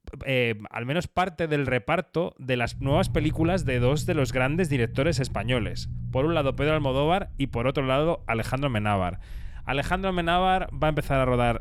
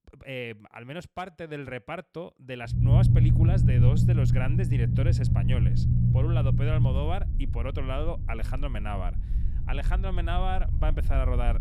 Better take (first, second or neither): first